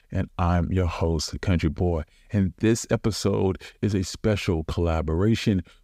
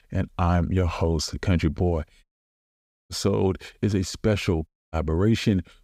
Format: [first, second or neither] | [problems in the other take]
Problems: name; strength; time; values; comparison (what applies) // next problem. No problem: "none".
first | audio cutting out; at 2 s for 1 s and at 4.5 s